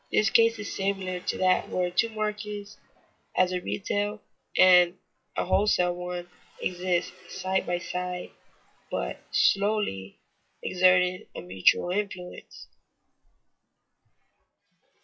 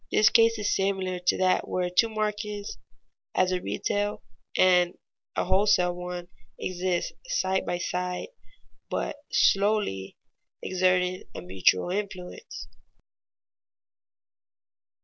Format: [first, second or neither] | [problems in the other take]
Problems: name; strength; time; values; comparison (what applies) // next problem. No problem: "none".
second | noise reduction (classical method WPE with log-MMSE)